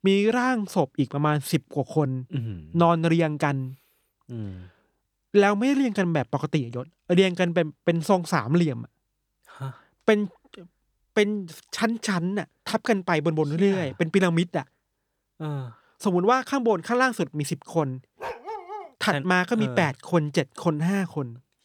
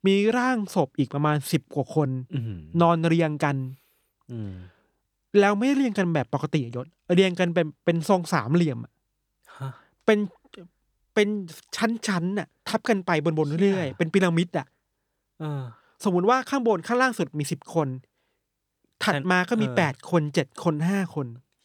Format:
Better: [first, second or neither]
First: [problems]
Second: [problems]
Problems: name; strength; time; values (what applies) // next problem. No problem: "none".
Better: second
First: dog barking; faint; at 18 s; peak 10 dB below the speech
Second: none